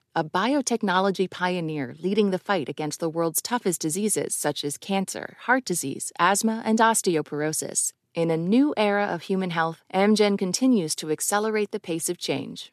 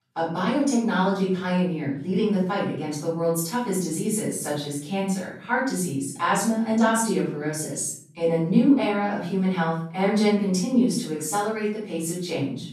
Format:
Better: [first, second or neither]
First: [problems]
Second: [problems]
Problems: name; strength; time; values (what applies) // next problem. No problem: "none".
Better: first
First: none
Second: off-mic speech; far // room echo; noticeable; dies away in 0.7 s